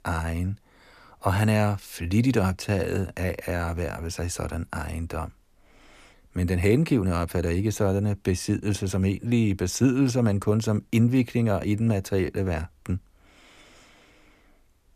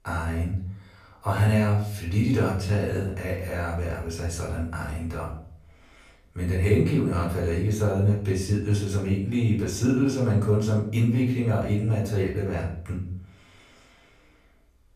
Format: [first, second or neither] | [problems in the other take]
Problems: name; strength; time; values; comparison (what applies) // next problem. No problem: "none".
first | off-mic speech; far // room echo; noticeable; dies away in 0.5 s